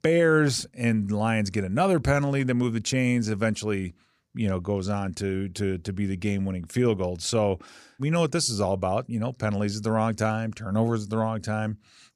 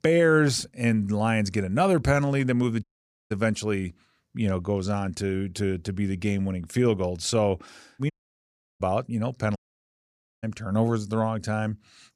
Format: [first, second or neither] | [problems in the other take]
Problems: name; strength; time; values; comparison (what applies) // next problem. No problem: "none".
first | audio cutting out; at 3 s, at 8 s for 0.5 s and at 9.5 s for 1 s